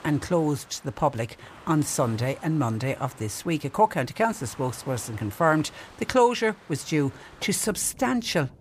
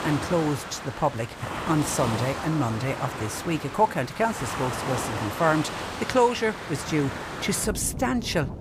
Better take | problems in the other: first | rain or running water; loud; throughout; 6 dB below the speech; faint in the first

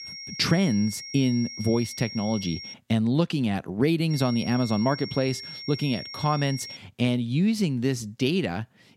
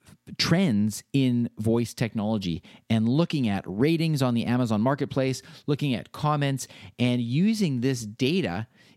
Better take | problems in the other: second | high-pitched whine; noticeable; until 2.5 s and from 4 to 7 s; 5.5 kHz, 10 dB below the speech

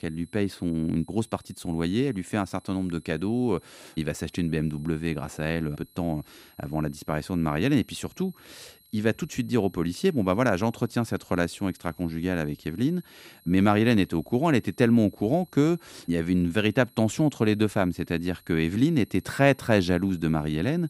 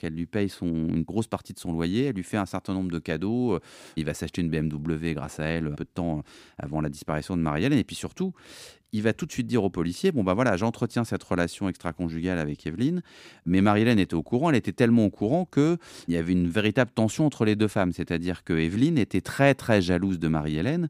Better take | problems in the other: second | high-pitched whine; faint; throughout; 11.5 kHz, 30 dB below the speech

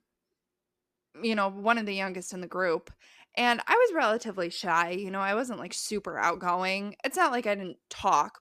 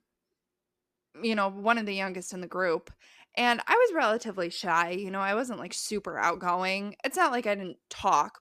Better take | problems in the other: neither | none

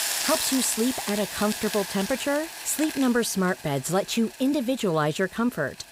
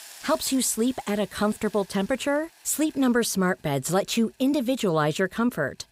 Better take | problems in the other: second | hiss; loud; throughout; 5 dB below the speech; faint in the second

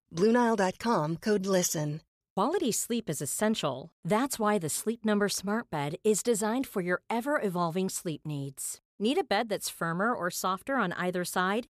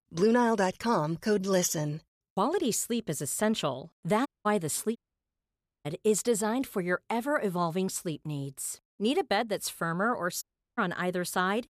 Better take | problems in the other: first | audio cutting out; at 4.5 s, at 5 s for 1 s and at 10 s

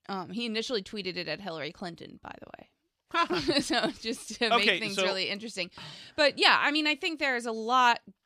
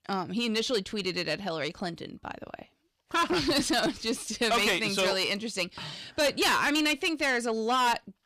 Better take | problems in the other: first | distortion; heavy; 6 dB below the speech

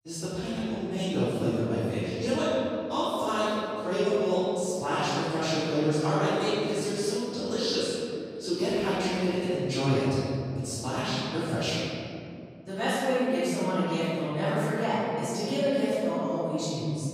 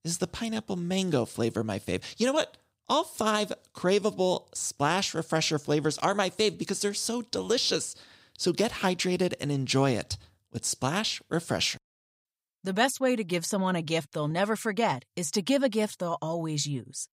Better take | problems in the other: second | off-mic speech; far // room echo; strong; dies away in 2.7 s

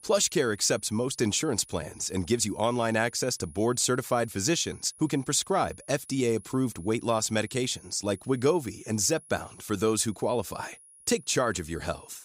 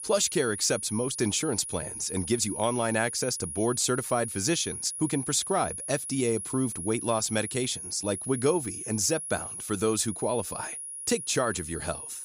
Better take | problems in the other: first | high-pitched whine; loud; throughout; 10.5 kHz, 6 dB below the speech; faint in the first

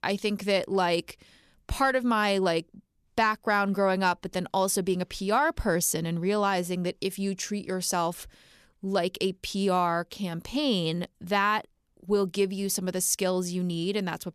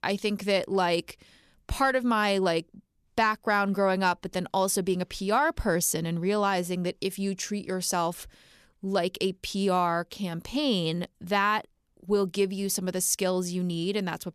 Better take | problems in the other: neither | none

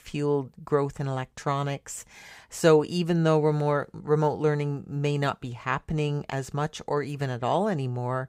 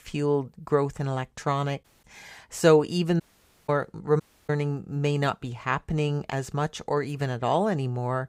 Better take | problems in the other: first | audio cutting out; at 2 s, at 3 s and at 4 s

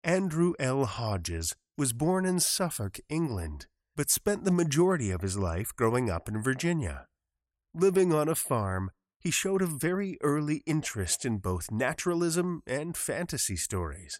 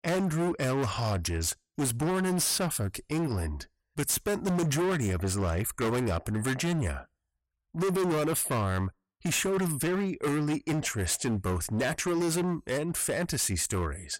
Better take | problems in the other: first | distortion; heavy; 22% of the sound clipped

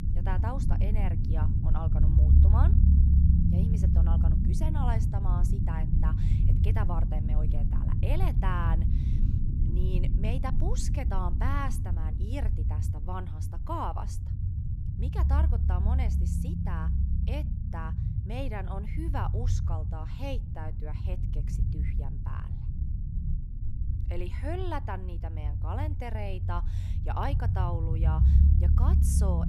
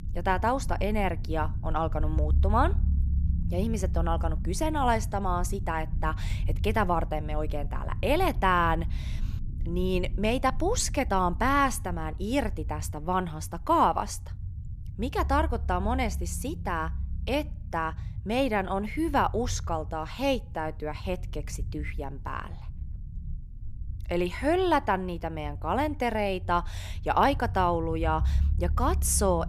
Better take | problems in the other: second | low rumble; loud; throughout; 4 dB below the speech; faint in the second

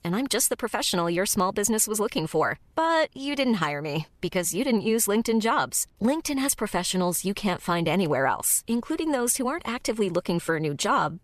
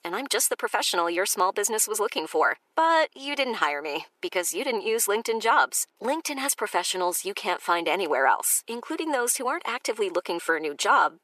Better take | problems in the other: first | thin; very; fading below 350 Hz

